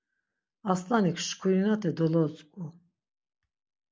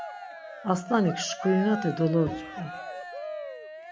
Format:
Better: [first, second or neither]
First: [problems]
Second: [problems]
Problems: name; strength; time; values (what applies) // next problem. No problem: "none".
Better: first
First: none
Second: background sound (Bowed string instrument + Cheering); 9 dB below the speech